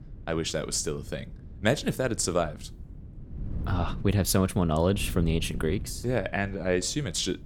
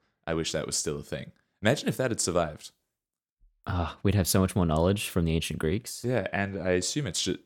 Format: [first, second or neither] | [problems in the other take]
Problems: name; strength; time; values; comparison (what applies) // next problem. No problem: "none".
second | wind noise on the microphone; occasional gusts; 20 dB below the speech